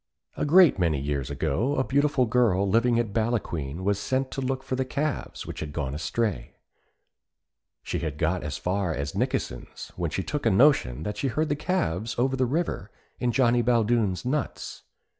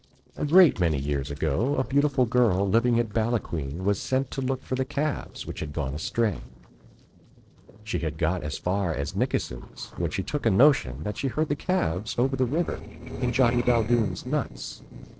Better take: first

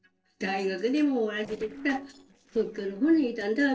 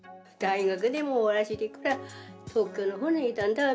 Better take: second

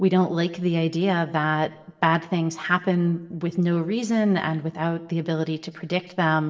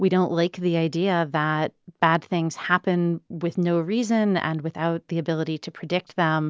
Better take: second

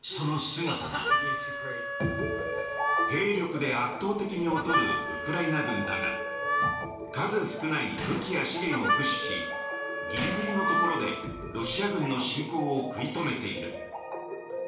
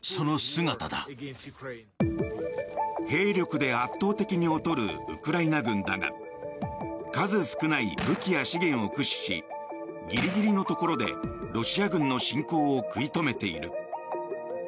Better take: second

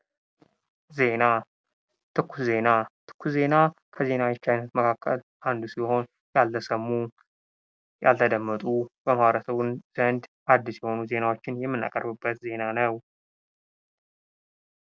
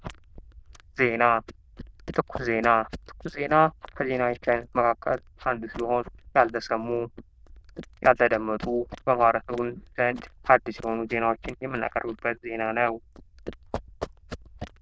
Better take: first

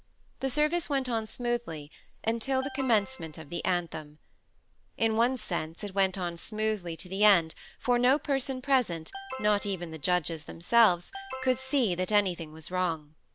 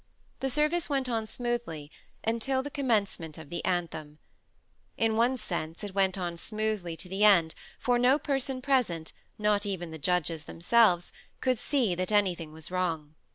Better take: second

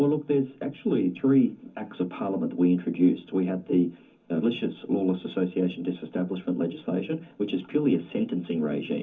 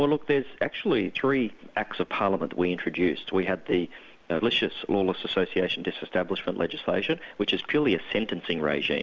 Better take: second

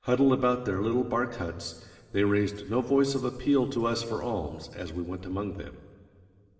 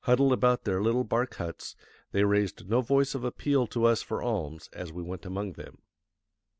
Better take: second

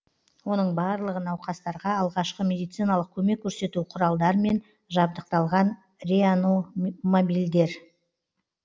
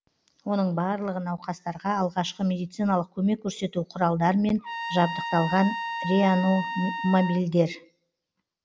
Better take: first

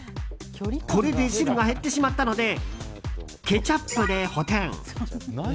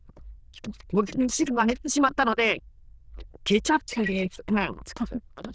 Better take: first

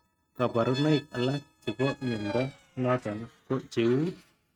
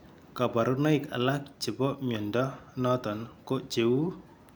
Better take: second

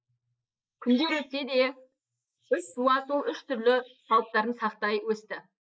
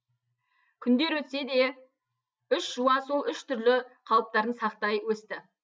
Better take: second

